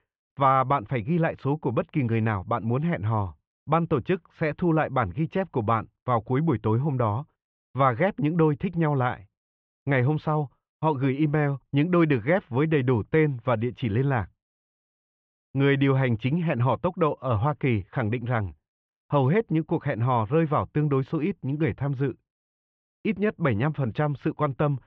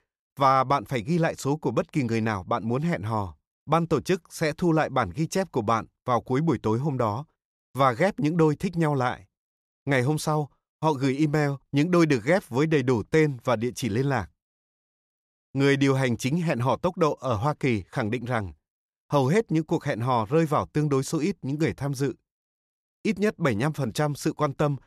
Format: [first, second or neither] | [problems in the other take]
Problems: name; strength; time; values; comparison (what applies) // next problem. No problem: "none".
second | muffled; very; fading above 3 kHz